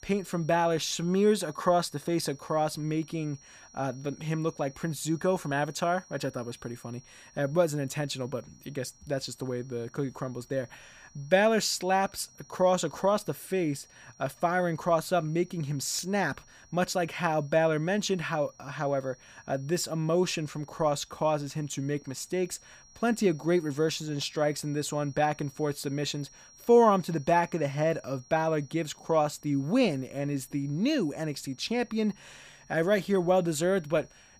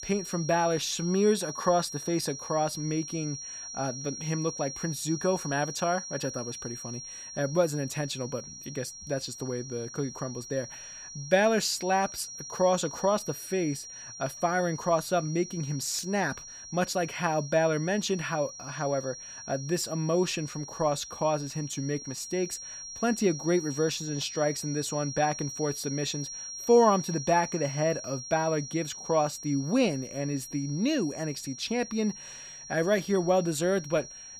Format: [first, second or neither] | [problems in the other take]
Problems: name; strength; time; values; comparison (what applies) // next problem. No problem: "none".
first | high-pitched whine; loud; throughout; 5.5 kHz, 10 dB below the speech; faint in the first